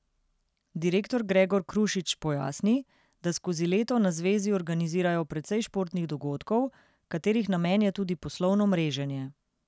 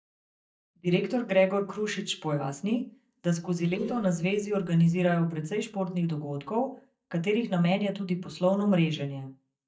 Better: first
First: none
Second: noise reduction (neural mask model DeepFilterNet 3)

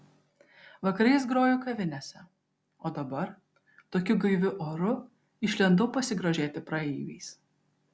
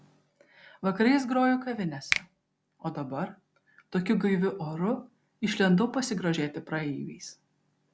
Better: first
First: none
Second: background sound (Finger snapping); 9 dB below the speech

